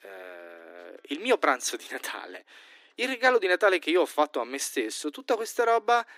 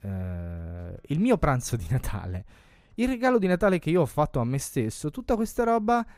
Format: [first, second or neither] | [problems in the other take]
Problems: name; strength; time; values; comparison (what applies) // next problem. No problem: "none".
second | thin; very; fading below 300 Hz